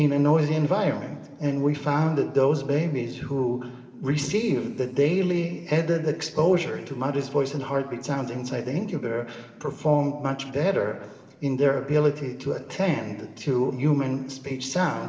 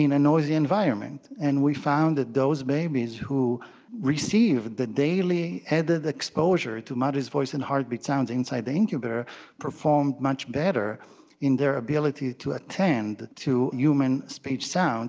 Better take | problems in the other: second | room echo; dies away in 3 s

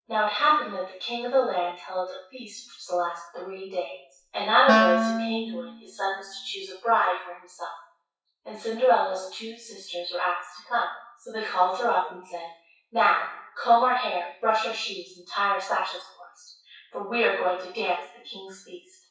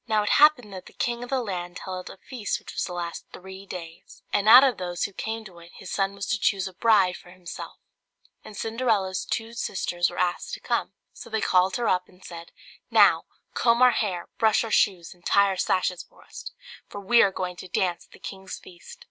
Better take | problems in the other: second | noise reduction (classical method WPE with log-MMSE)

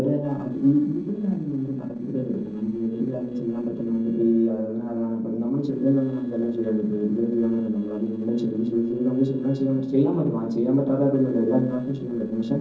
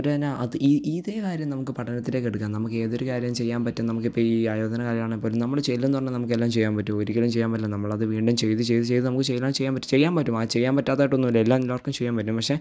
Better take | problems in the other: second | noise reduction (neural separator model SepFormer DNS4)

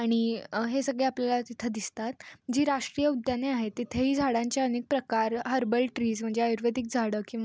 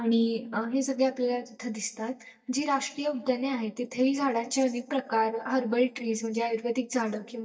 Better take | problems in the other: first | noise reduction (neural mask model DeepFilterNet 3)

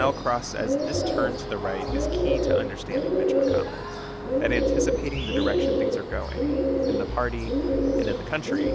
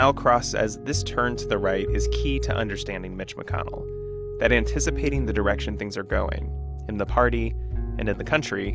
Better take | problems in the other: second | background sound (Bird); 4 dB above the speech

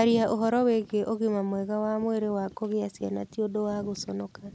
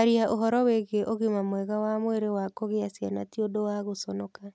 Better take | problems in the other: second | background sound (Bird vocalization, bird call, bird song); 20 dB below the speech

